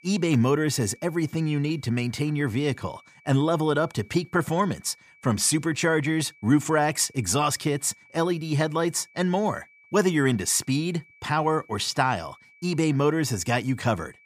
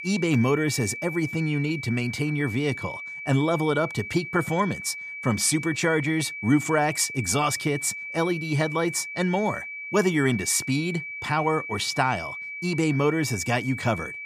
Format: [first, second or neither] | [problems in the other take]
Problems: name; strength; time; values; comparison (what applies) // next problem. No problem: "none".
first | high-pitched whine; loud; throughout; 2.5 kHz, 8 dB below the speech; faint in the first